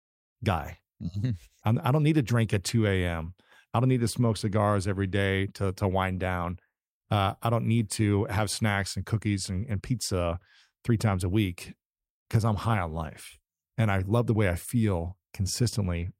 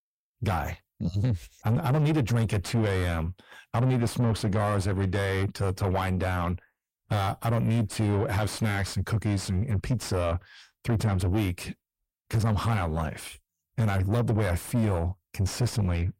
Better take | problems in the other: first | distortion; heavy; 6 dB below the speech

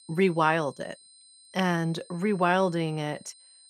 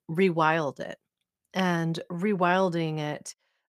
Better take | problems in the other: second | high-pitched whine; faint; throughout; 4 kHz, 25 dB below the speech

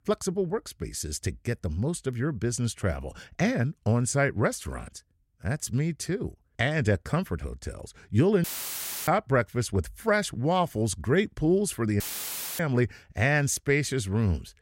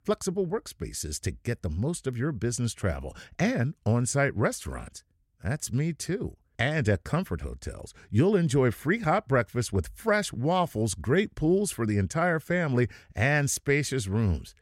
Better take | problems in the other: second | audio cutting out; filled with static; at 8.5 s for 0.5 s and at 12 s for 0.5 s

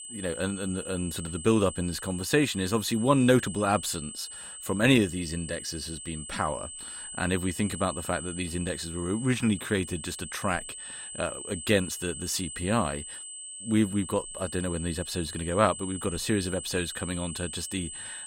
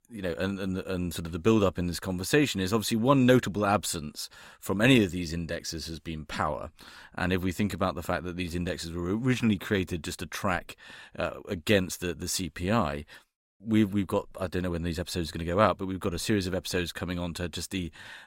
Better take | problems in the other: second | high-pitched whine; loud; throughout; 8 kHz, 9 dB below the speech

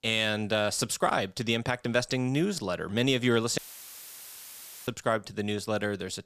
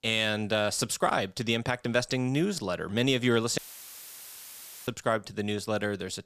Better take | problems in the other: neither | audio cutting out; filled with static; at 3.5 s for 1.5 s; the same in both

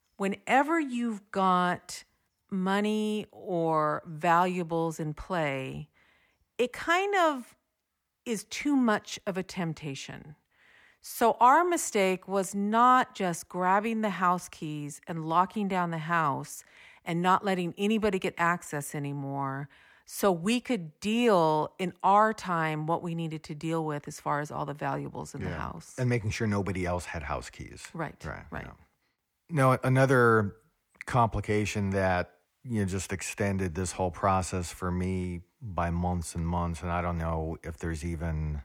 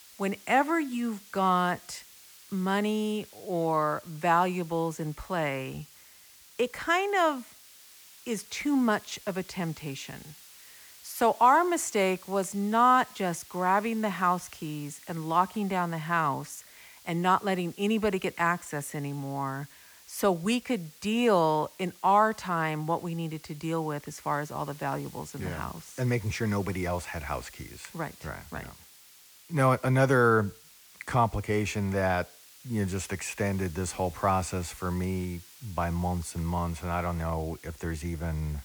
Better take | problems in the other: first | hiss; faint; throughout; 20 dB below the speech

